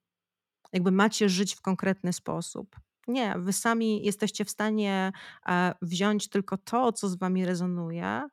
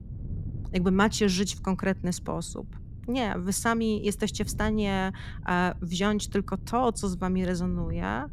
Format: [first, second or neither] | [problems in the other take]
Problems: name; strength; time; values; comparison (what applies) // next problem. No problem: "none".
first | wind noise on the microphone; occasional gusts; 25 dB below the speech